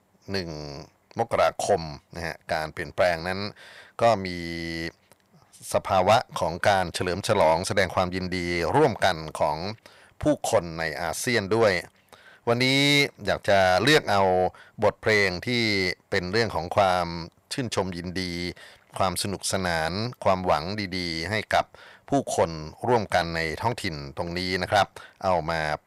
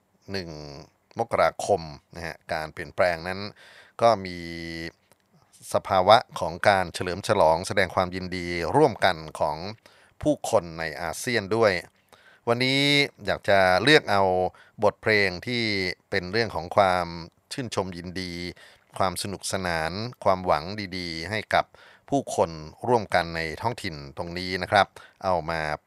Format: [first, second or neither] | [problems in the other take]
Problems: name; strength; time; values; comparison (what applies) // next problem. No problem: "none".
second | distortion; slight; 10 dB below the speech